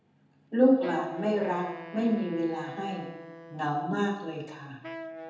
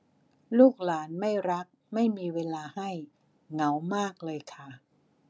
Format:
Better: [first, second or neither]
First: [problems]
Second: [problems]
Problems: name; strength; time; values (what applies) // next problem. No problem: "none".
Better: second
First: background sound (Wind instrument, woodwind instrument); 15 dB below the speech // room echo; dies away in 0.8 s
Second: none